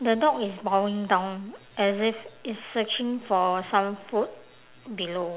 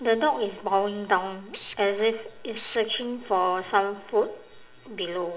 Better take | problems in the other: first | background sound (Tools); 19 dB below the speech // room echo; dies away in 0.7 s

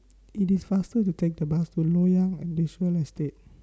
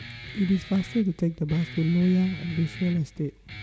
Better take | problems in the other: first | background sound (Guitar); 15 dB below the speech

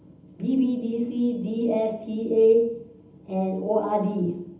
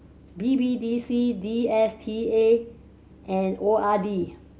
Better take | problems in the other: second | room echo; dies away in 0.8 s

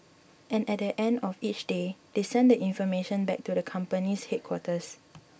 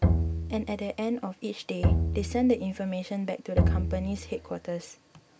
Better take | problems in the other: first | background sound (Bowed string instrument); 2 dB above the speech

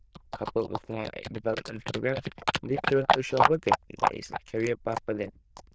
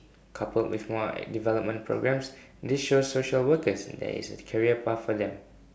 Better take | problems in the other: second | noise reduction (neural diffusion model UNIVERSE++)

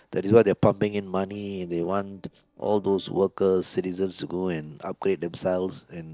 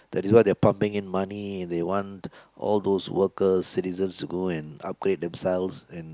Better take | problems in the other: second | noise reduction (neural separator model SepFormer DNS4)

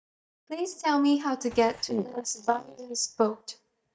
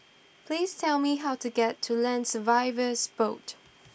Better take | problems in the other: second | noise reduction (neural mask model DeepFilterNet 3)

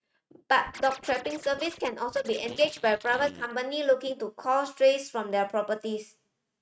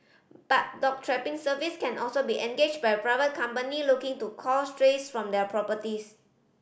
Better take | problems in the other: second | noise reduction (neural mask model RNNoise)

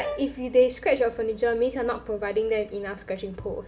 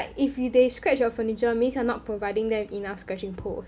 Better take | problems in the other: second | background sound (Brass instrument); 14 dB below the speech // room echo; dies away in 1.1 s

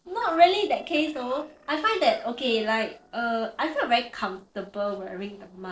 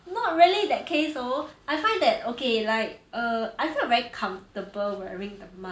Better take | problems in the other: second | noise reduction (neural separator model SepFormer DNS4)

